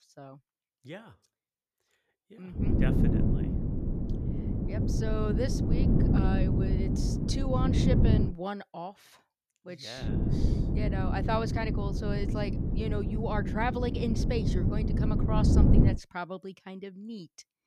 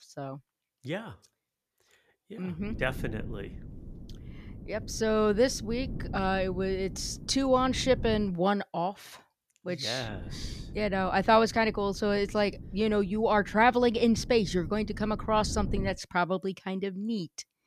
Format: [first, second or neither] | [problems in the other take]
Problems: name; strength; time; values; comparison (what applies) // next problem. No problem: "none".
second | wind noise on the microphone; heavy; from 2.5 to 8.5 s and from 10 to 16 s; 1 dB below the speech; occasional gusts in the second